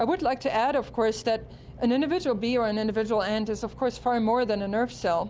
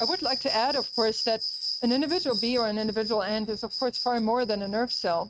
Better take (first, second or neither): first